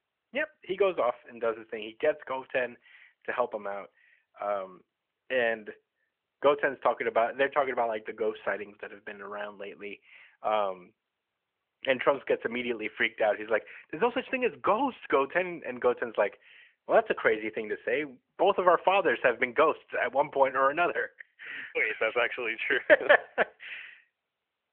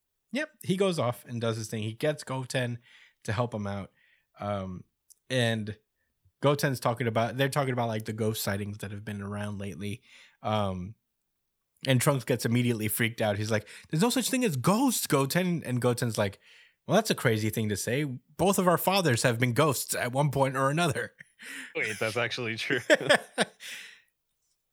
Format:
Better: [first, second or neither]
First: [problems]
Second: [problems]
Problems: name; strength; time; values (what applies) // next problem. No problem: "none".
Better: second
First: phone-call audio; nothing above 3 kHz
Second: none